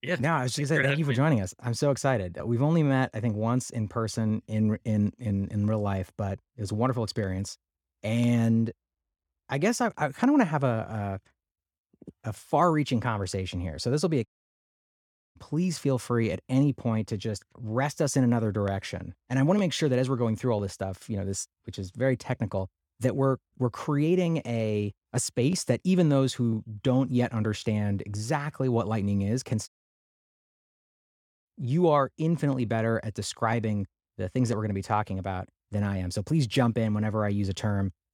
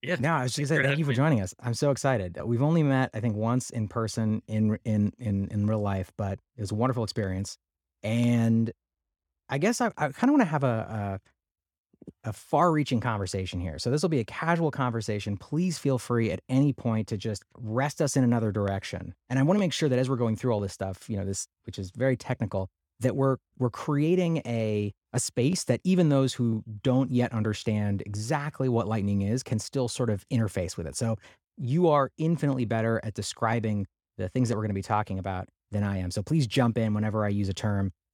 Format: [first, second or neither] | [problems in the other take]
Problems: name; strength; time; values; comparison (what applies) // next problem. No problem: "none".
second | audio cutting out; at 14 s for 1 s and at 30 s for 2 s